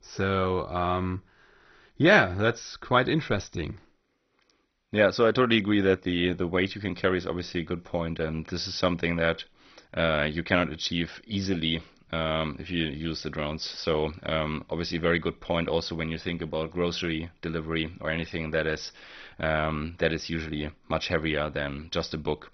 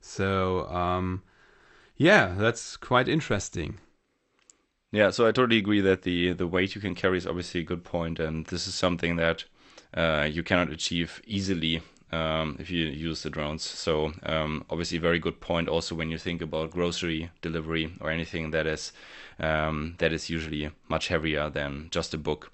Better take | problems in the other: second | garbled, watery; badly; nothing above 6 kHz; slightly in the second

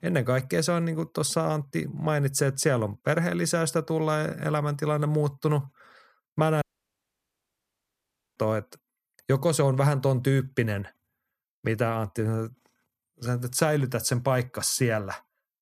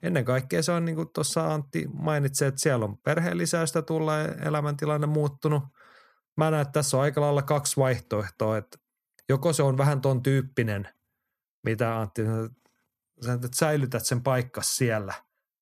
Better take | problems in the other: second | audio cutting out; at 6.5 s for 1.5 s

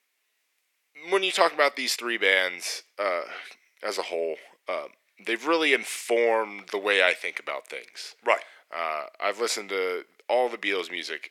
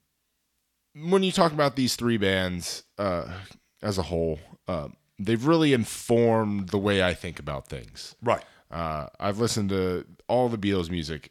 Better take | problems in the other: second | thin; very; fading below 400 Hz

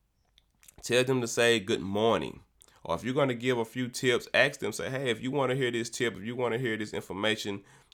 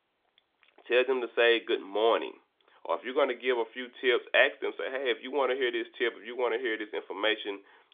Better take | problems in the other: first | phone-call audio; nothing above 3.5 kHz

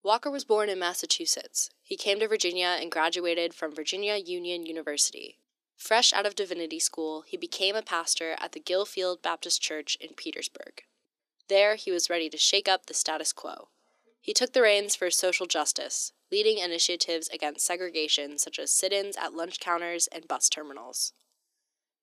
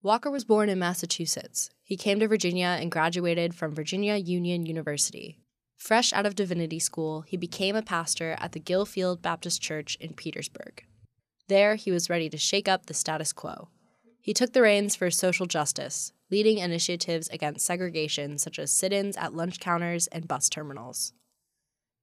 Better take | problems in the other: second | thin; somewhat; fading below 300 Hz

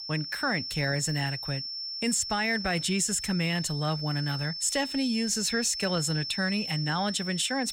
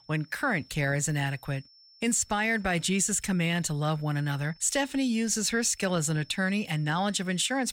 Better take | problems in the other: second | high-pitched whine; loud; throughout; 5.5 kHz, 5 dB below the speech; faint in the second

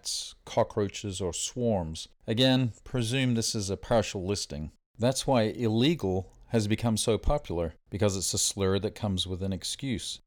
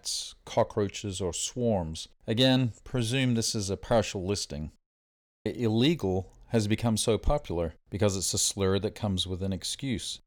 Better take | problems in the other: first | audio cutting out; at 5 s for 0.5 s

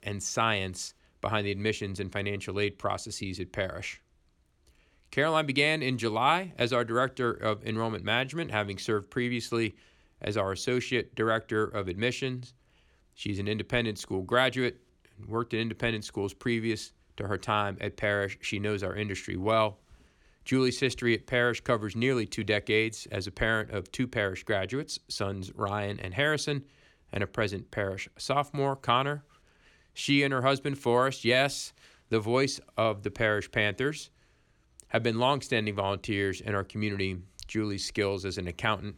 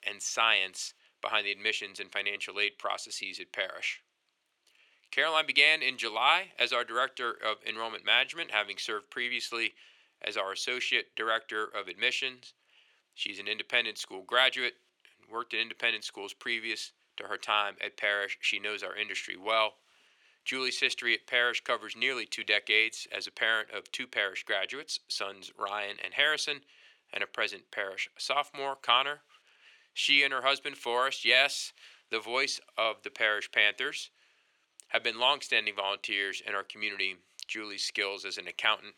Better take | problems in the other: first | thin; very; fading below 600 Hz

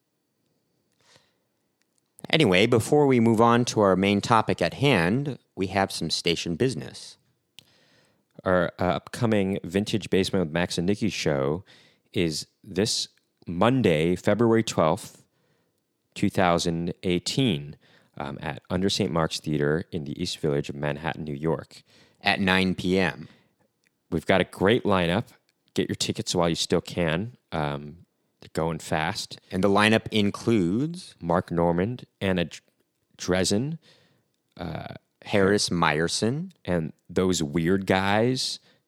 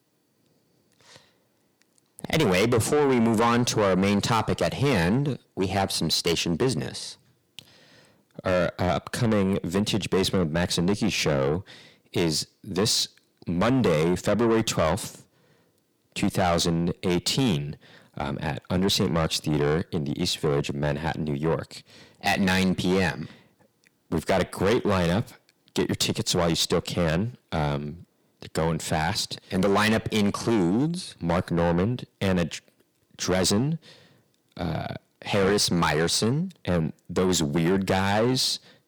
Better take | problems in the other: first | distortion; heavy; 6 dB below the speech

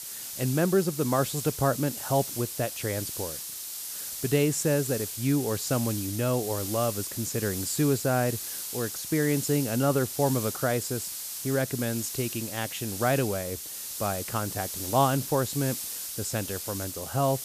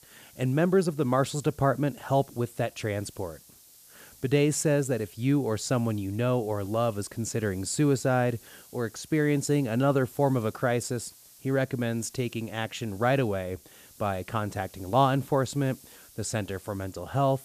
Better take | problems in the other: second | hiss; loud; throughout; 5 dB below the speech; faint in the second

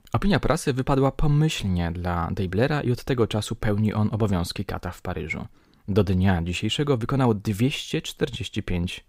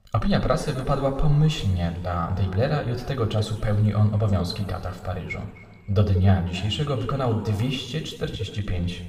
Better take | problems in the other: first | room echo; noticeable; dies away in 1.8 s // off-mic speech; somewhat distant

